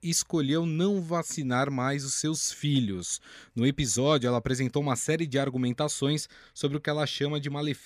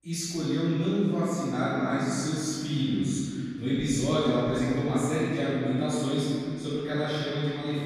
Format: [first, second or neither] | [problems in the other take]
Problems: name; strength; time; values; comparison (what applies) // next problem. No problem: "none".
first | room echo; strong; dies away in 3 s // off-mic speech; far